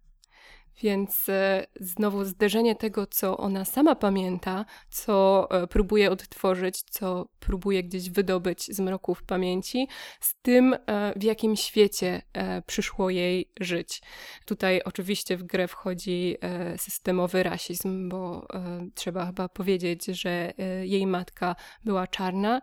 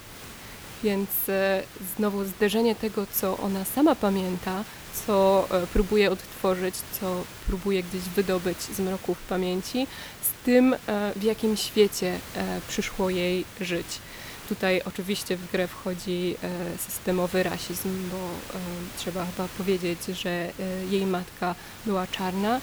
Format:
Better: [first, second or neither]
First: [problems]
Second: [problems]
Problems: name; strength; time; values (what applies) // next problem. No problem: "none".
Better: first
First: none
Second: hiss; noticeable; throughout; 15 dB below the speech